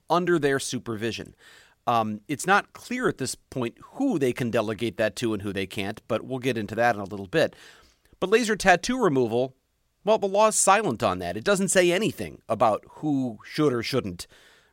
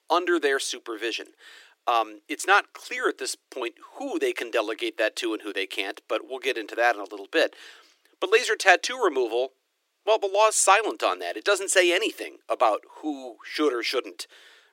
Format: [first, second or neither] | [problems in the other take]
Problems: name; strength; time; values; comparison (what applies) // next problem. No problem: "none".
first | thin; very; fading below 300 Hz